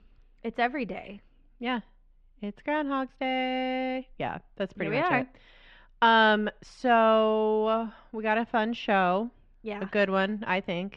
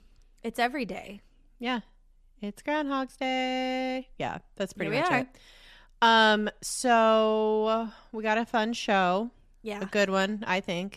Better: second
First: muffled; slightly; fading above 3 kHz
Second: none

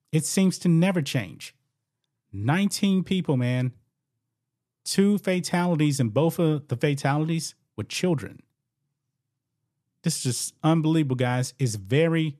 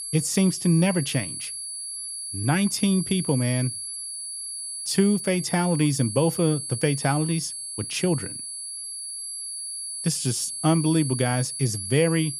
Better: first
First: none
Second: high-pitched whine; loud; throughout; 10.5 kHz, 7 dB below the speech

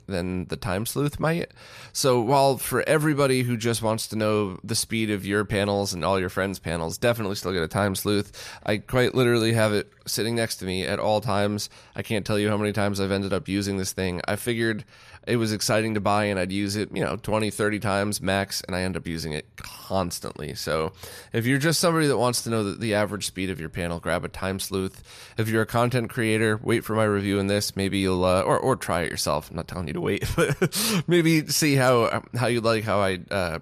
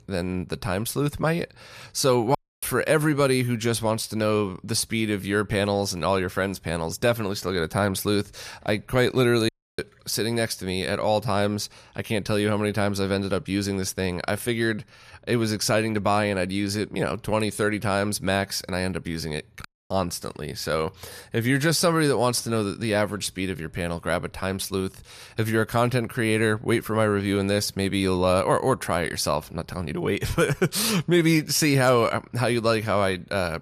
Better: first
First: none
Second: audio cutting out; at 2.5 s, at 9.5 s and at 20 s

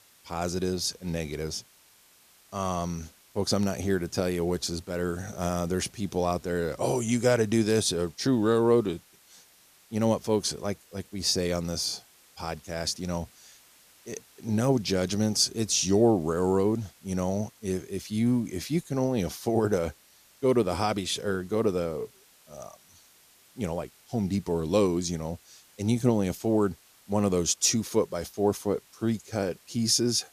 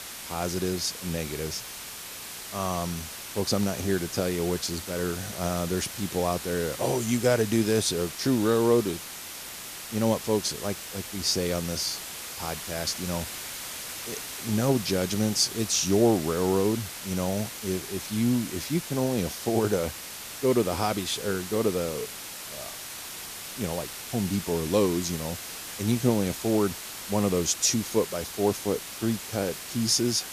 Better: first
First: hiss; faint; throughout; 30 dB below the speech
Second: hiss; loud; throughout; 9 dB below the speech

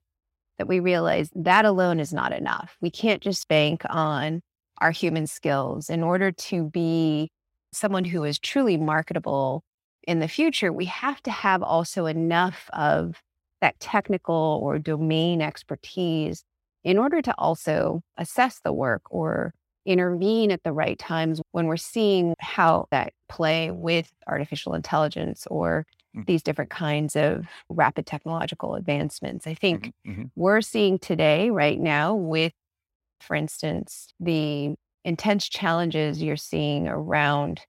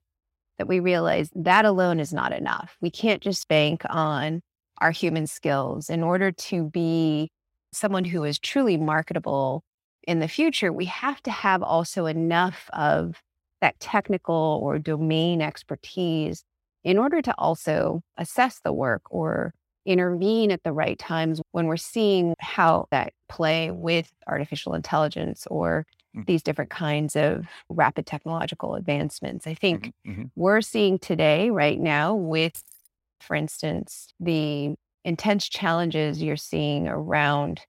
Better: first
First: none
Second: jangling keys; faint; at 33 s; peak 15 dB below the speech

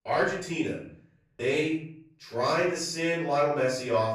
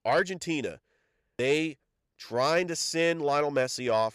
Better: second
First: off-mic speech; far // room echo; noticeable; dies away in 0.6 s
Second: none

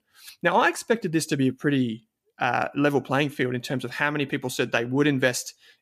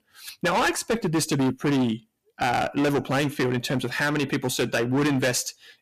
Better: first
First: none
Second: distortion; heavy; 18% of the sound clipped

